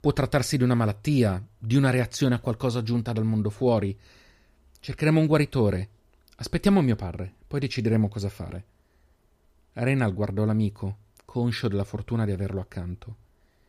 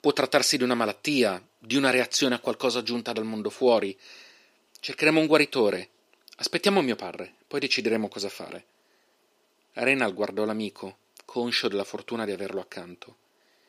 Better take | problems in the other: first | thin; somewhat; fading below 300 Hz

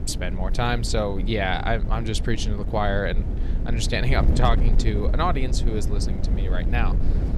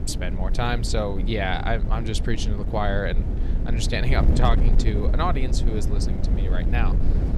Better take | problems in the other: first | wind noise on the microphone; heavy; 9 dB below the speech; occasional gusts in the first

